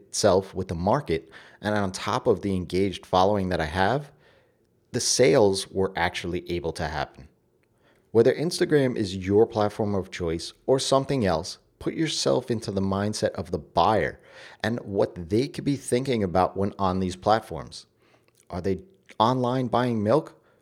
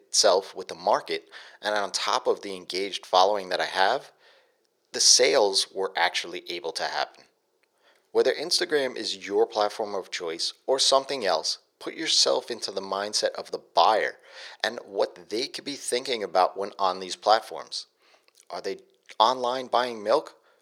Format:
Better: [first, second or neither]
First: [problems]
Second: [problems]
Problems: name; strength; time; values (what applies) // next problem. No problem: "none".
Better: first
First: none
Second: thin; very; fading below 600 Hz